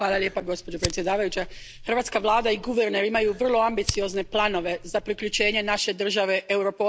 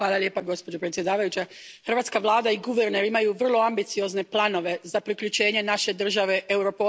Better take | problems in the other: second | background sound (Fire); 12 dB below the speech

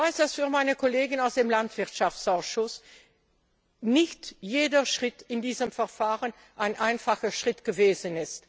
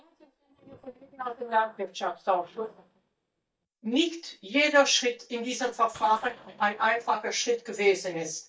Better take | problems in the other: first | noise reduction (neural mask model DeepFilterNet 3)

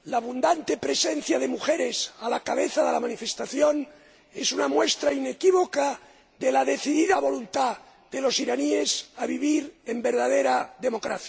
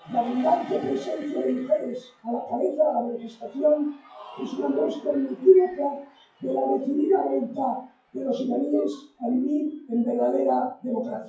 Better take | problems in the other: first | noise reduction (classical method WPE with log-MMSE)

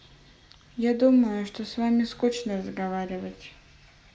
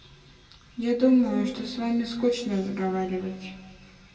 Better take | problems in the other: first | room echo; dies away in 2.3 s

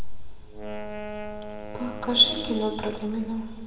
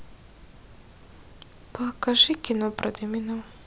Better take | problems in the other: second | background sound (Wind instrument, woodwind instrument); 12 dB below the speech // room echo; dies away in 1.9 s

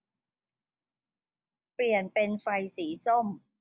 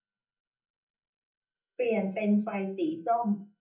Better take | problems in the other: first | noise reduction (neural mask model DeepFilterNet 3)

